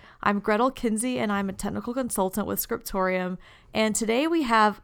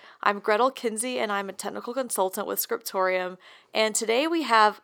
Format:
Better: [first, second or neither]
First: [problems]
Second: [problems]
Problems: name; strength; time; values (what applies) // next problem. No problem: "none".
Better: first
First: none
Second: thin; somewhat; fading below 400 Hz